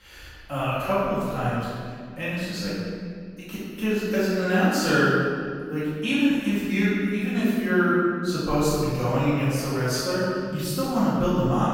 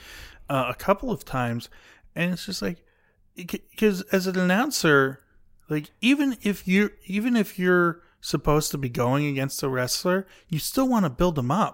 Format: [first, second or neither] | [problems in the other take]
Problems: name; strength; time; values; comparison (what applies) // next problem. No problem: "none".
second | off-mic speech; far // room echo; strong; dies away in 1.9 s